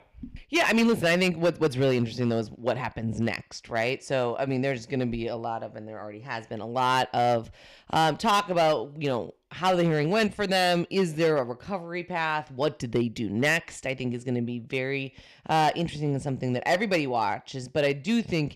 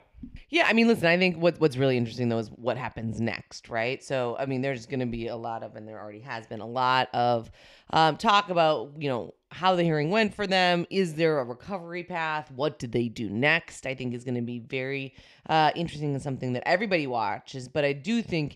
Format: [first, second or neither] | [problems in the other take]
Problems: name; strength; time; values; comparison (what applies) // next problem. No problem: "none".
second | distortion; slight; 4% of the sound clipped